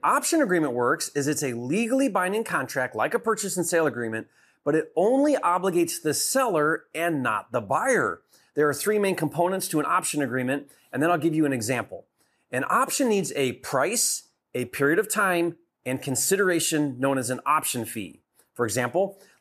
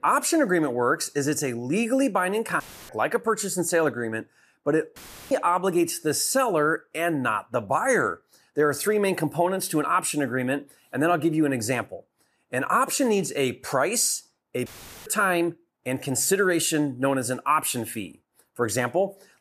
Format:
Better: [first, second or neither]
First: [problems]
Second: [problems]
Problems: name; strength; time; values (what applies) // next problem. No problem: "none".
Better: first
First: none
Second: audio cutting out; filled with static; at 2.5 s, at 5 s and at 15 s